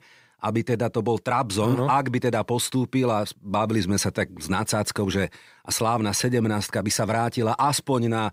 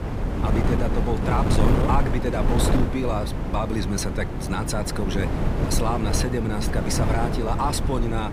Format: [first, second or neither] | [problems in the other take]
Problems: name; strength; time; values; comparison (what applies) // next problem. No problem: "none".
first | wind noise on the microphone; heavy; 3 dB below the speech